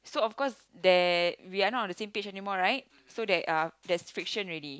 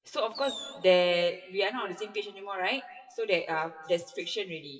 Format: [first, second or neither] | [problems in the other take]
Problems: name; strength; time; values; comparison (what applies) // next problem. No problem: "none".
first | noise reduction (classical method WPE with log-MMSE)